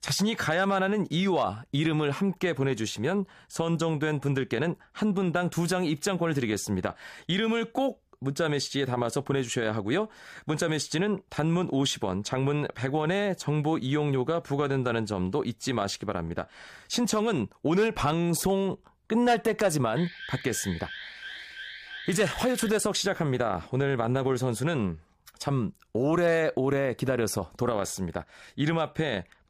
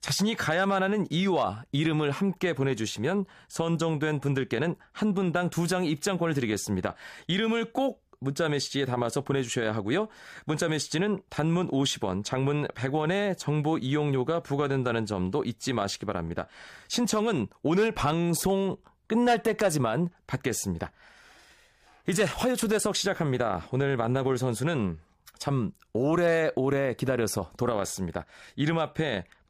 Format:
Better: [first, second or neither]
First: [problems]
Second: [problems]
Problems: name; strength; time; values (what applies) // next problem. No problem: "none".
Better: second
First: alarm; faint; from 20 to 23 s; peak 10 dB below the speech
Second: none